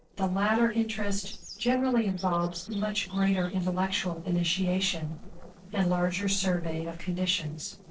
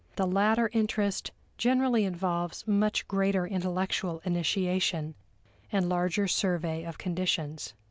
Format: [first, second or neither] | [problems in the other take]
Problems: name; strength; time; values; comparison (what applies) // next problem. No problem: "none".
second | noise reduction (neural separator model SepFormer DNS4)